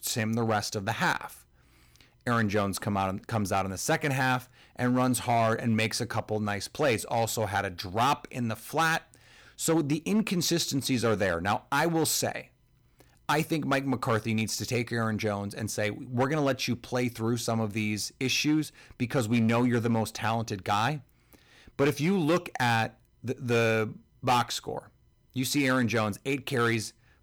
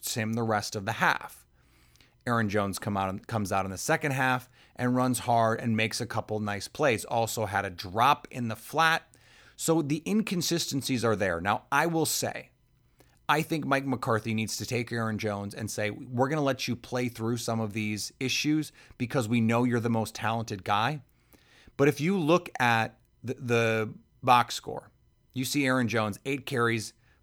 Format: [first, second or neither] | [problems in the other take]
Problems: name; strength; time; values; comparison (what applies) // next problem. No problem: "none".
second | distortion; slight; 4% of the sound clipped